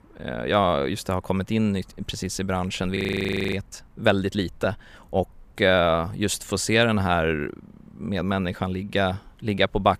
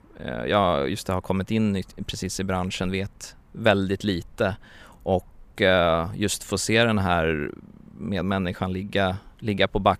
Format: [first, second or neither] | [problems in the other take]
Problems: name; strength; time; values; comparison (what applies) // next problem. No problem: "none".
second | audio freezing; at 3 s for 0.5 s